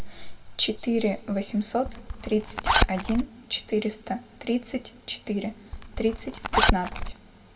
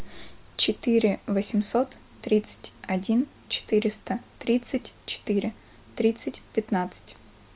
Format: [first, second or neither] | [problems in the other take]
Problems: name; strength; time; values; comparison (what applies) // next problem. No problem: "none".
second | background sound (Zipper (clothing)); 3 dB above the speech // room echo; dies away in 1.3 s